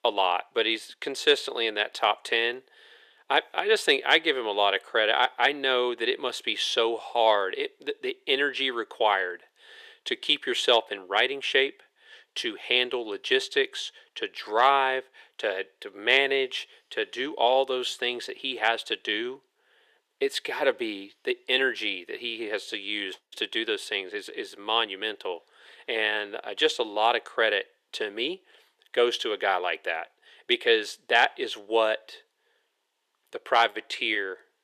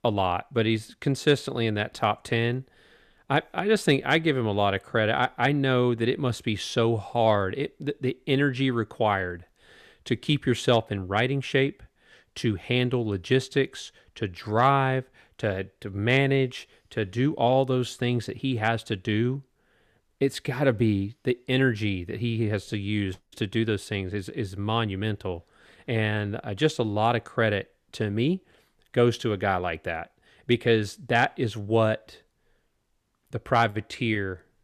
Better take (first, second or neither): second